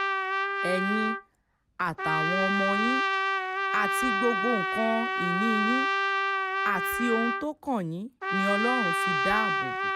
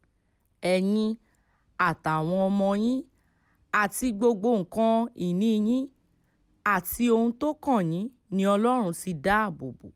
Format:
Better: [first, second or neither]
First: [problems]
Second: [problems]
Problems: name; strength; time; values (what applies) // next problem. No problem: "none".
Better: second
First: background sound (Trumpet); 3 dB above the speech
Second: none